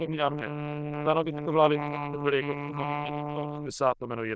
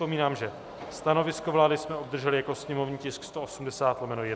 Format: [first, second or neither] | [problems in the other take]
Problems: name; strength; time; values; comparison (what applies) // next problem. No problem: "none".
second | noise reduction (neural diffusion model UNIVERSE++)